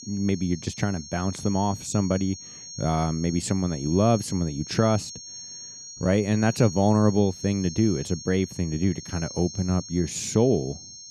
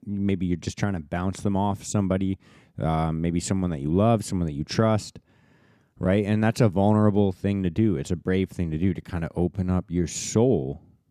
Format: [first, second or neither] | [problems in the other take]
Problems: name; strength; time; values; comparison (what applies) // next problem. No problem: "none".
second | high-pitched whine; noticeable; throughout; 6.5 kHz, 15 dB below the speech